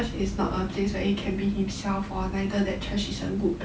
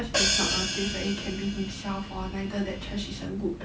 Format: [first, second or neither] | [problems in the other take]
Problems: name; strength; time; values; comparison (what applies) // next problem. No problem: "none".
first | background sound (Hi-hat); as loud as the speech